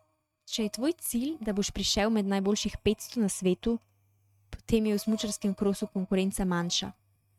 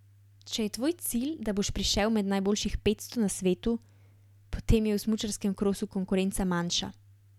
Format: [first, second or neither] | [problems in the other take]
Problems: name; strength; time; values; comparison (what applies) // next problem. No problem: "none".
second | noise reduction (neural mask model RNNoise)